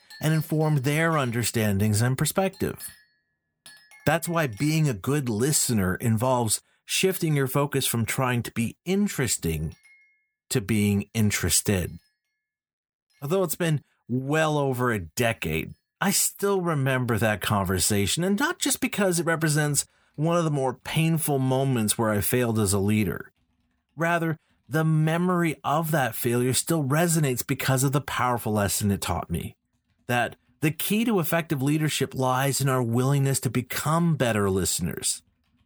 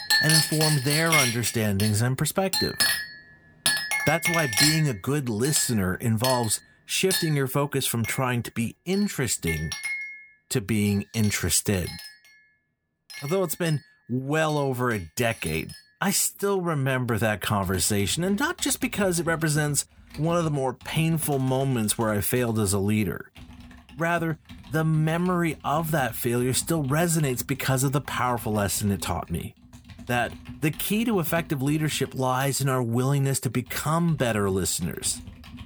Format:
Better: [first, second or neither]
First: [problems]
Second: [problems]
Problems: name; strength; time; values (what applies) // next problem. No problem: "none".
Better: first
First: household noises; faint; throughout; 25 dB below the speech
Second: household noises; loud; throughout; 1 dB below the speech